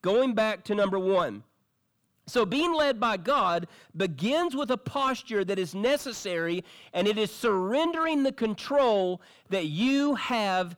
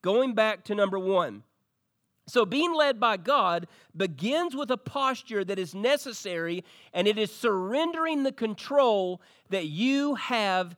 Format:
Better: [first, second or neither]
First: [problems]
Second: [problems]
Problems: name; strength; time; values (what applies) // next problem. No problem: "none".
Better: second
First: distortion; slight; 10 dB below the speech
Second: none